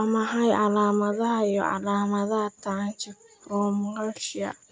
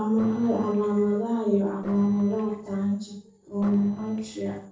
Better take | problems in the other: first | noise reduction (neural separator model SepFormer DNS4)

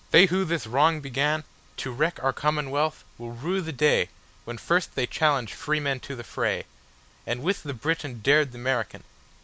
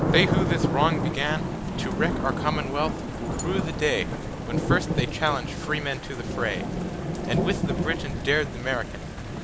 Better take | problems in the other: first | background sound (Thunder / Rain); 1 dB above the speech

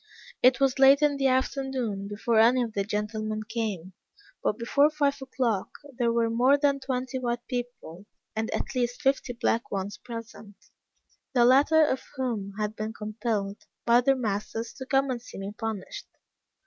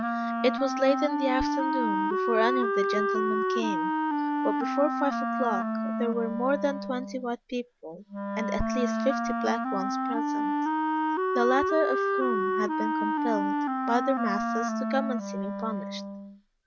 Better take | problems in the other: first | background sound (Wind instrument, woodwind instrument); 2 dB above the speech

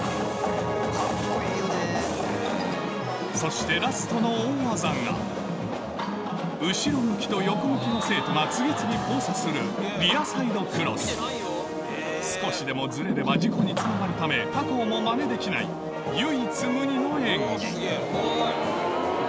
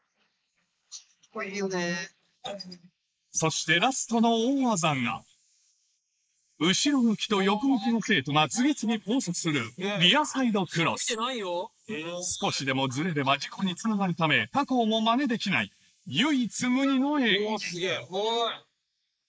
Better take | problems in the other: first | noise reduction (neural mask model Resemble Enhance denoiser)

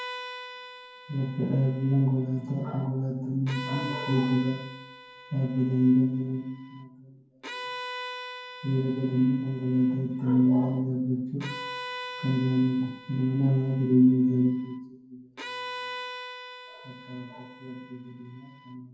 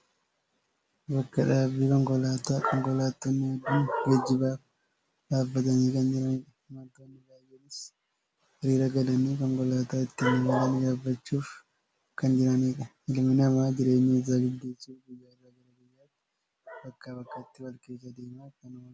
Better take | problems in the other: second | background sound (Bowed string instrument); 14 dB below the speech // room echo; dies away in 0.9 s

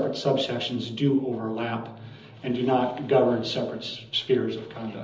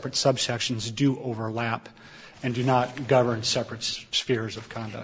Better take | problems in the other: second | room echo; dies away in 1.2 s

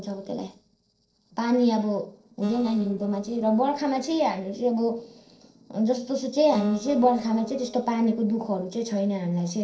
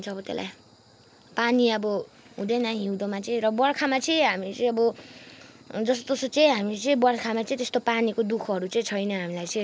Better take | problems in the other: second | noise reduction (neural separator model SepFormer DNS4)

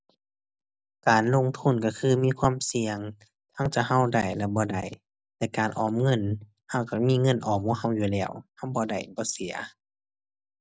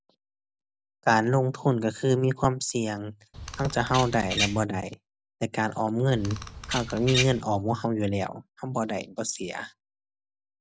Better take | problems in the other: first | background sound (Bird vocalization, bird call, bird song); 5 dB below the speech

